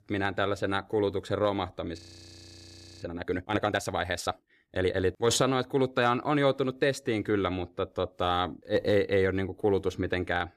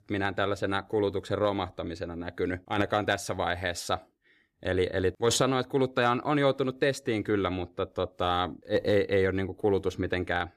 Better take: second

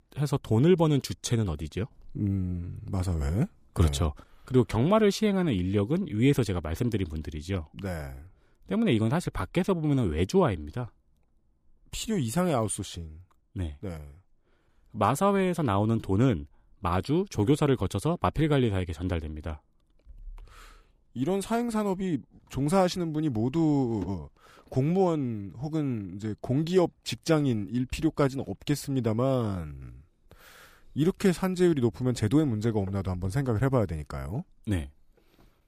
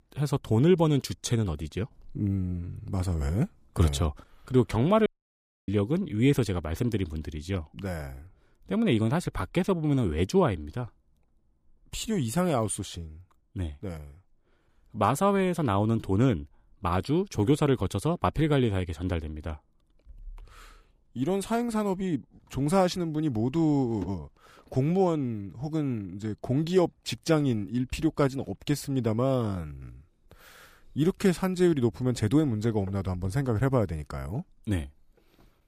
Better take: first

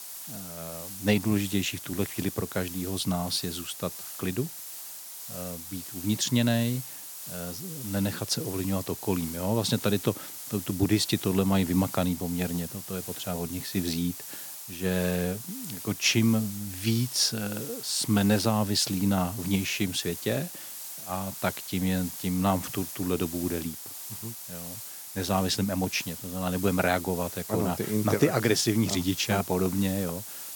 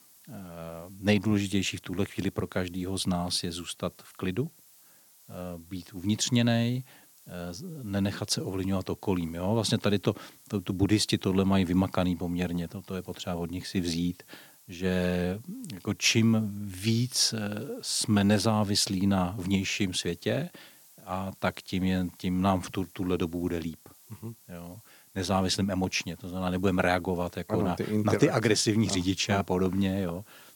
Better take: second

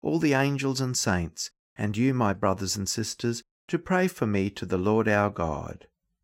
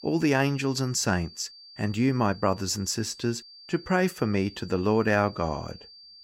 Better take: first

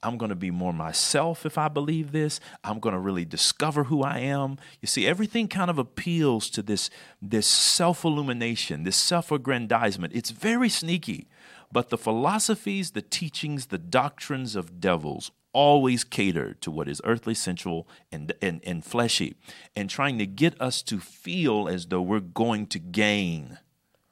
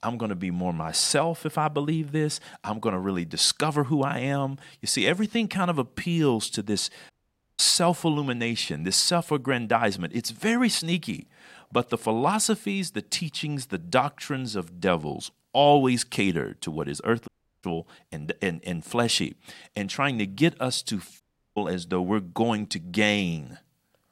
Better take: first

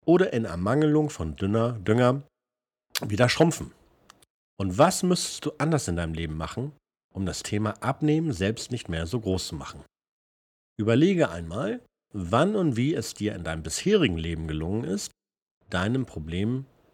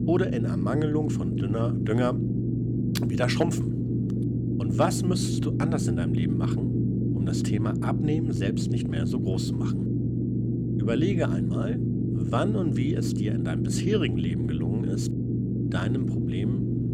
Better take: first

